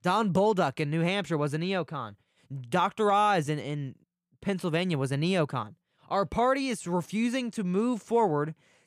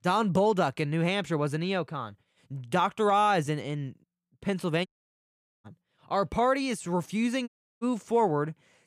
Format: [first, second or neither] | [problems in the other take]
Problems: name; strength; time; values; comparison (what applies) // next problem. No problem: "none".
first | audio cutting out; at 5 s for 1 s and at 7.5 s